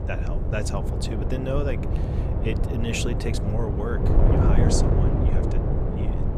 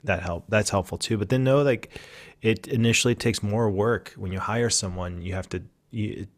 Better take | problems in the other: second | wind noise on the microphone; heavy; as loud as the speech

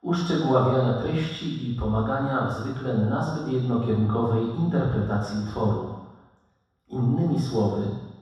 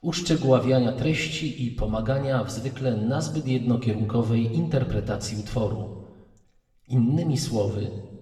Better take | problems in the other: second | room echo; strong; dies away in 1.2 s; slight in the second // off-mic speech; far; somewhat distant in the second

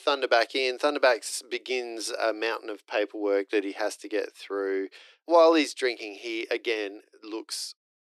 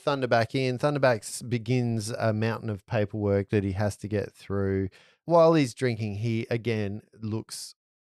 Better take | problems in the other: second | thin; very; fading below 300 Hz

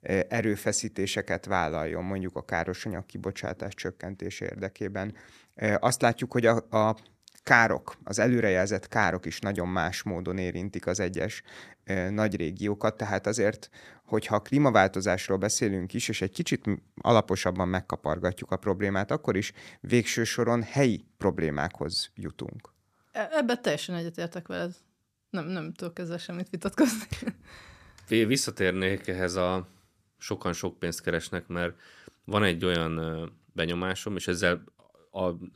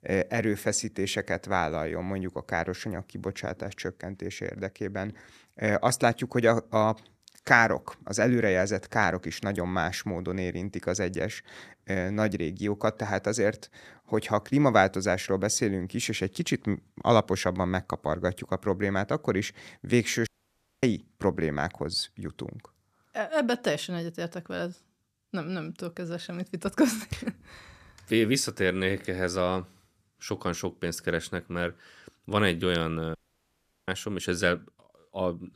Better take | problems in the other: first | audio cutting out; at 20 s for 0.5 s and at 33 s for 0.5 s

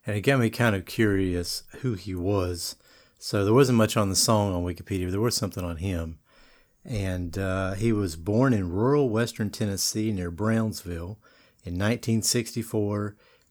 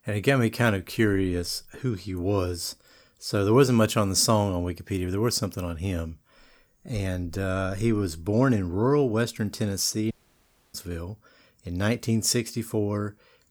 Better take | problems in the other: first | audio cutting out; at 10 s for 0.5 s

